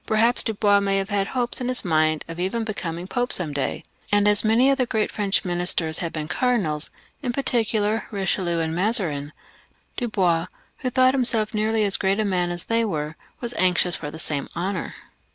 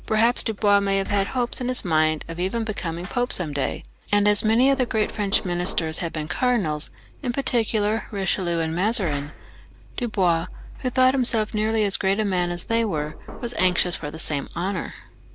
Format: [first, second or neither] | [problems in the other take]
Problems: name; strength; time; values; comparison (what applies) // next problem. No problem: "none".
first | background sound (Knock); 13 dB below the speech